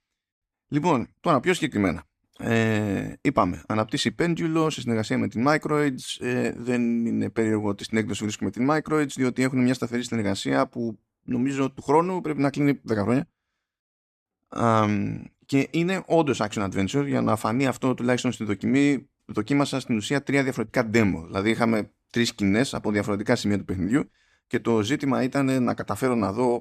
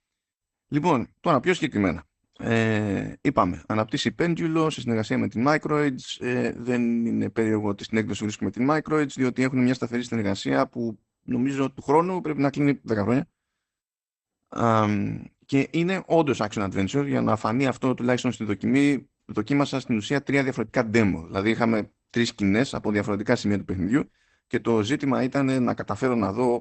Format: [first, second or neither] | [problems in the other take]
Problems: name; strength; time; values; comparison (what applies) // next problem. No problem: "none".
first | garbled, watery; slightly; nothing above 8 kHz